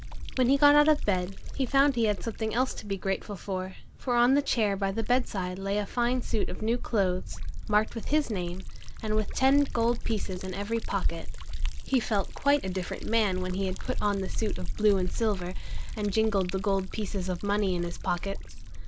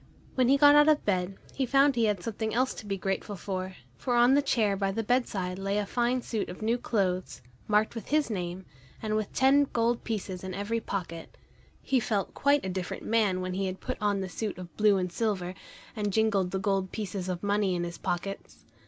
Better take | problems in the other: second | background sound (Liquid); 2 dB below the speech

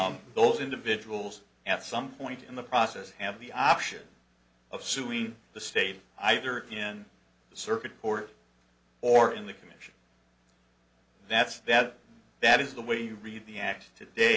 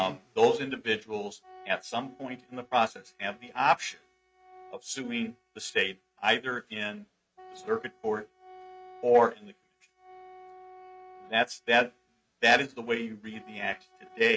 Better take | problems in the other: first | noise reduction (neural mask model RNNoise)

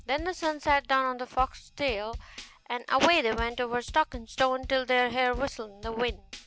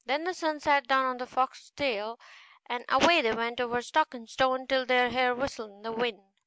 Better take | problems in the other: second | background sound (Drum kit); 15 dB below the speech

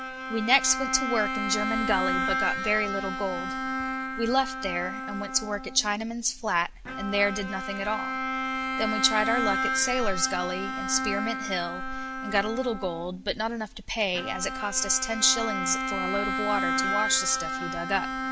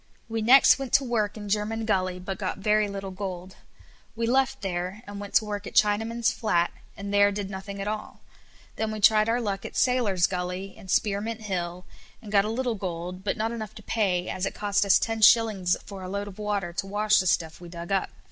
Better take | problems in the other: second | background sound (Bowed string instrument); 2 dB below the speech

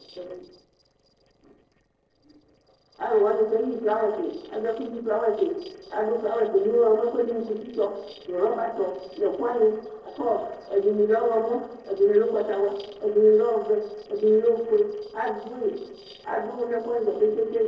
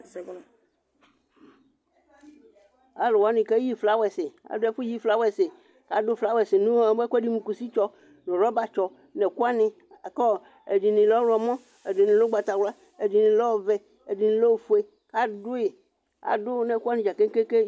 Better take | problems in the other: second | noise reduction (neural separator model SepFormer DNS4)

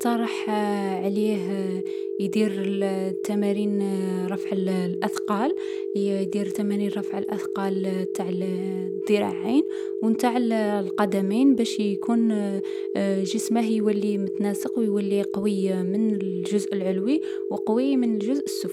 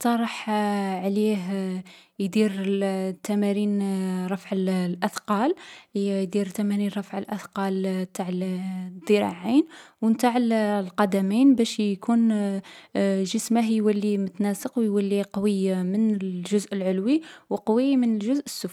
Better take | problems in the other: second | background sound (Telephone); 4 dB below the speech

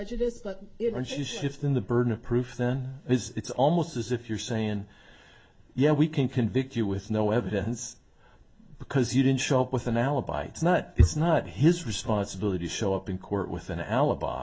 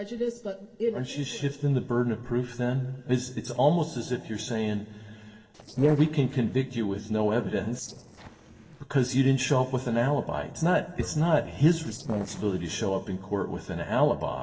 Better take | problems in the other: first | noise reduction (neural separator model SepFormer DNS4)

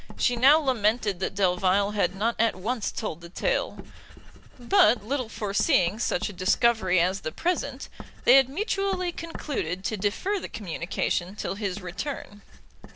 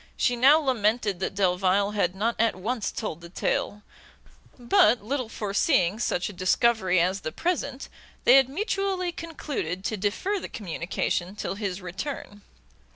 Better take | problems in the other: second | background sound (Writing); 12 dB below the speech

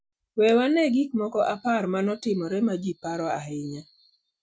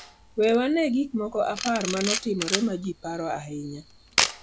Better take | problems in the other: first | background sound (Camera); 5 dB below the speech

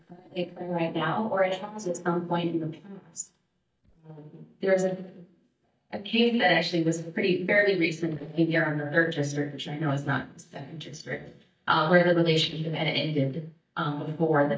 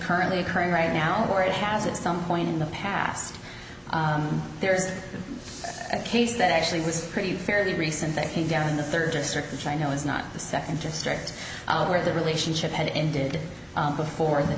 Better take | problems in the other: second | noise reduction (neural mask model DeepFilterNet 3)

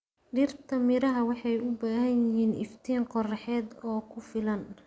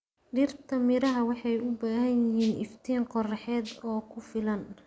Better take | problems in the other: first | background sound (Rattle (instrument)); 18 dB below the speech

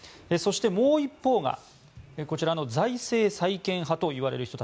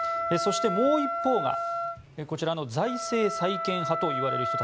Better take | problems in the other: first | background sound (Wind instrument, woodwind instrument); 2 dB below the speech

